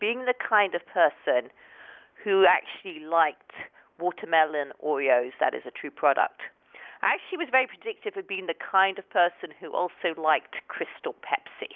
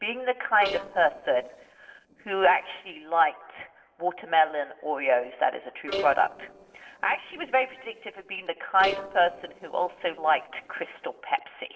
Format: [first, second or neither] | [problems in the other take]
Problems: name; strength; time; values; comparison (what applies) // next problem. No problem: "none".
first | noise reduction (neural separator model SepFormer DNS4)